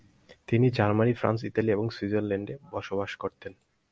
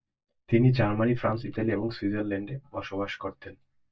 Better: first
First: none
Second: noise reduction (neural mask model DeepFilterNet 3)

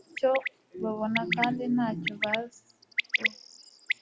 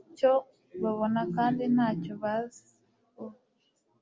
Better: second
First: background sound (Bird); 3 dB below the speech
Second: none

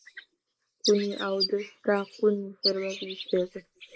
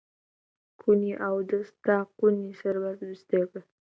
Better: second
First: noise reduction (neural mask model Resemble Enhance denoiser)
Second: none

